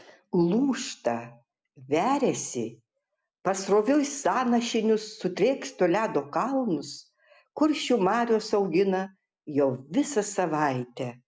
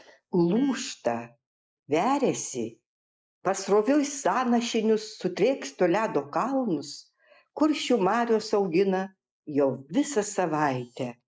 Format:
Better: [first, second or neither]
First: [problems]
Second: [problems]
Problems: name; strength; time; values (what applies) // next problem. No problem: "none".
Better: first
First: none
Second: noise reduction (neural mask model Resemble Enhance denoiser)